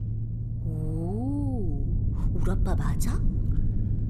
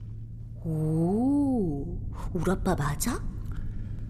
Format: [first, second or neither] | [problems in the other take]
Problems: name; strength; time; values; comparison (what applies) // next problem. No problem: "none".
second | low rumble; loud; throughout; 4 dB below the speech; faint in the second